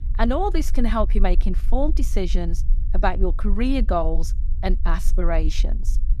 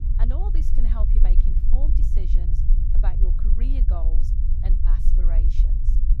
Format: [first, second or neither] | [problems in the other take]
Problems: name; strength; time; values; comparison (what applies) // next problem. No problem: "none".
first | low rumble; loud; throughout; 2 dB below the speech; faint in the first